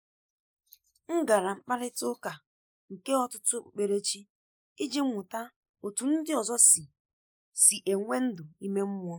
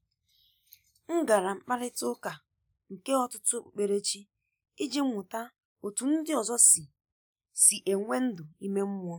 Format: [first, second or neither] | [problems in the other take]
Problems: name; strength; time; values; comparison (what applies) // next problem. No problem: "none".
second | noise reduction (neural mask model Resemble Enhance denoiser)